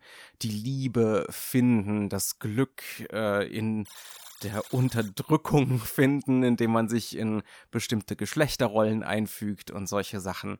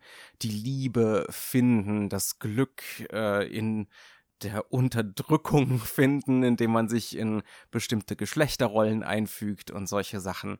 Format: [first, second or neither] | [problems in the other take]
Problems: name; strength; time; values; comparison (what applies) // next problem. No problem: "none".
second | alarm; faint; from 4 to 5 s; peak 15 dB below the speech